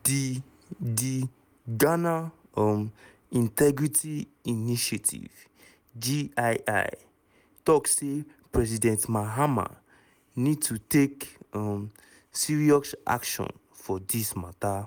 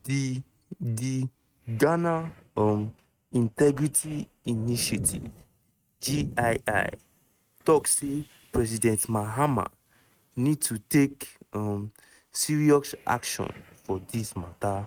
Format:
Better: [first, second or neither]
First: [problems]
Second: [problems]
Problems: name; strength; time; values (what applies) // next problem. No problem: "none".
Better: first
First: none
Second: noise reduction (neural mask model RNNoise)